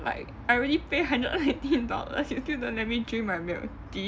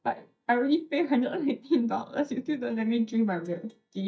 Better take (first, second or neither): first